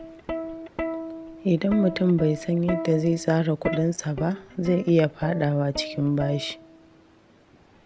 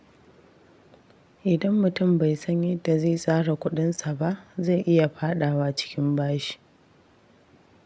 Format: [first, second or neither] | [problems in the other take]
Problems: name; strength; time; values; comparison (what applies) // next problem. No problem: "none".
second | background sound (Plucked string instrument); 11 dB below the speech